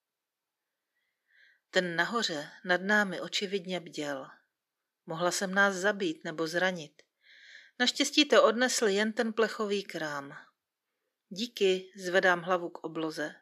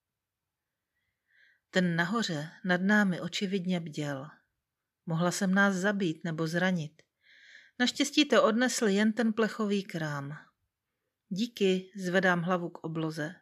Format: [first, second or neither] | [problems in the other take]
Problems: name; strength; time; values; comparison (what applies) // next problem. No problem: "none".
second | thin; somewhat; fading below 350 Hz